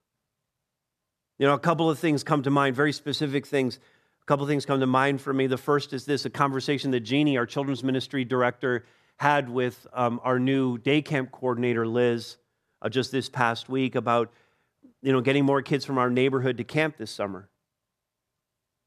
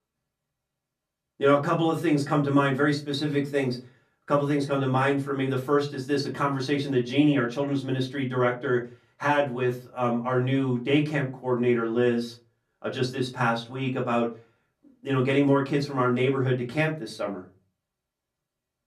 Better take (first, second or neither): first